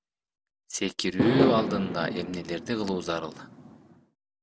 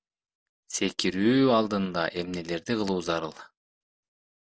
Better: second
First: background sound (Fireworks); 1 dB below the speech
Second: none

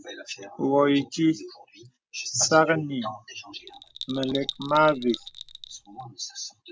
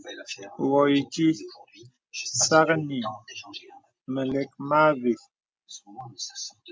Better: second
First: background sound (Bell); 13 dB below the speech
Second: none

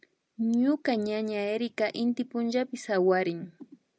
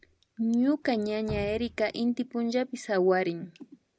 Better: first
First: none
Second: background sound (Drip); 19 dB below the speech

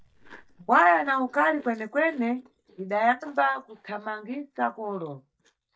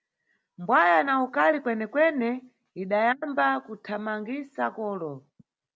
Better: second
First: noise reduction (neural mask model DeepFilterNet 3)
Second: none

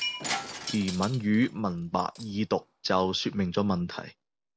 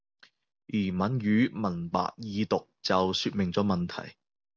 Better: second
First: background sound (Shatter); 11 dB below the speech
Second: none

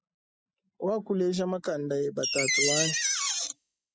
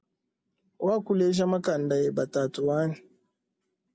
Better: second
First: noise reduction (classical method spectral subtraction)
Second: none

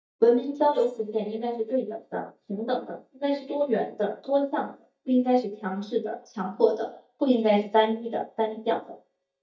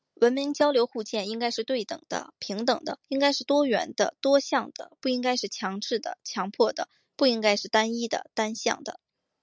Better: second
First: noise reduction (neural mask model DeepFilterNet 3)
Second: none

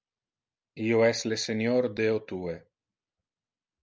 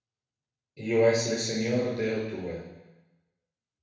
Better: first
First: none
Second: room echo; dies away in 1 s

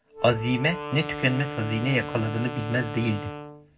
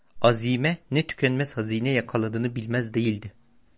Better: second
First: background sound (Wind instrument, woodwind instrument); 9 dB below the speech // room echo; dies away in 0.3 s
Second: none

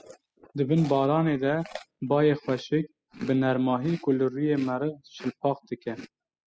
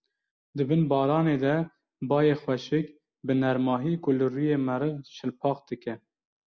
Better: second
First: noise reduction (classical method spectral subtraction)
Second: none

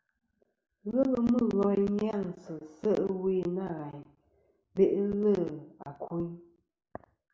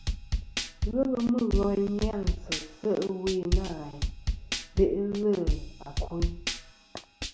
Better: first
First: none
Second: background sound (Drum / Drum kit); 1 dB below the speech

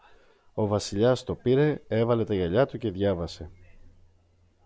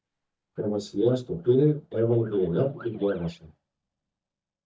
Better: first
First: none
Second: noise reduction (neural mask model DeepFilterNet 3)

